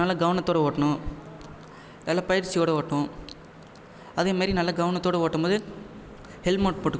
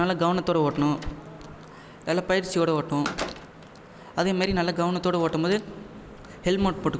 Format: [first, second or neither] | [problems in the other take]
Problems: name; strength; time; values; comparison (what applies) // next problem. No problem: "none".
first | background sound (Slam); 17 dB below the speech